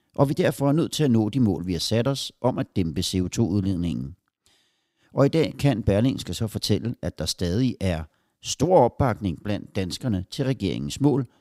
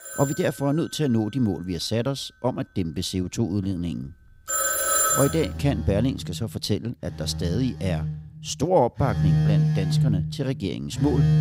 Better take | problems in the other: first | alarms or sirens; very loud; throughout; 1 dB above the speech

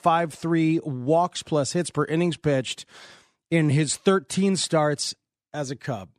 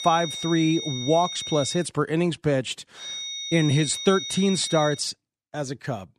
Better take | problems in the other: first | high-pitched whine; loud; until 2 s and from 3 to 5 s; 3.5 kHz, 7 dB below the speech

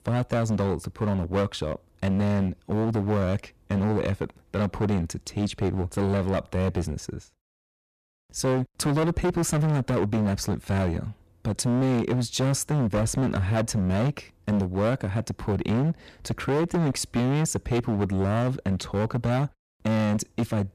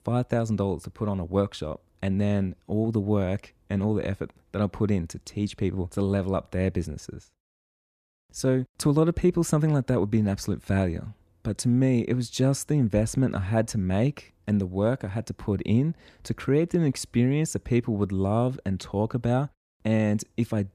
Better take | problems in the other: second | distortion; heavy; 18% of the sound clipped

